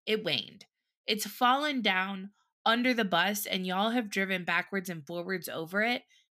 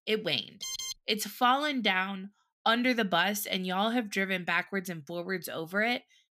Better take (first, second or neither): first